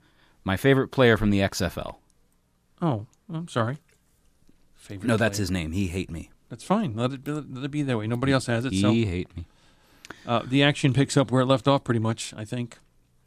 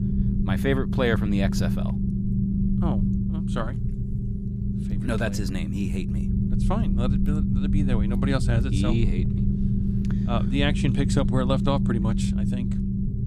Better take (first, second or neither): first